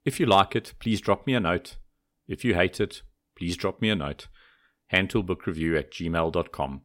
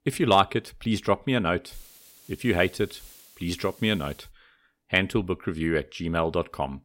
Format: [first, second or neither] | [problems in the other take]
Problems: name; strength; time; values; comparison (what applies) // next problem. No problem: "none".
first | hiss; faint; from 1.5 to 4.5 s; 25 dB below the speech